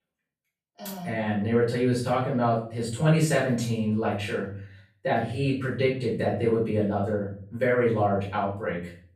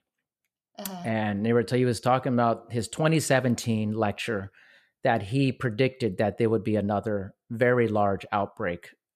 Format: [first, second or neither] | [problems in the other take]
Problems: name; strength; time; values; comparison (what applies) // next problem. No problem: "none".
second | off-mic speech; far // room echo; noticeable; dies away in 0.4 s